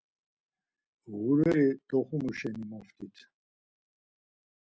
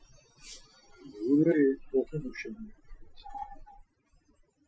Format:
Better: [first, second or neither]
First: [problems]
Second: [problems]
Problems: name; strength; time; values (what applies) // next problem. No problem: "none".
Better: first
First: none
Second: noise reduction (classical method Wiener filter)